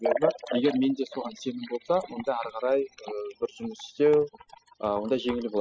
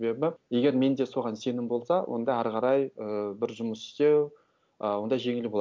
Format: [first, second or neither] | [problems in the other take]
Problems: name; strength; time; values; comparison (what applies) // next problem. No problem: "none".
second | noise reduction (classical method spectral subtraction)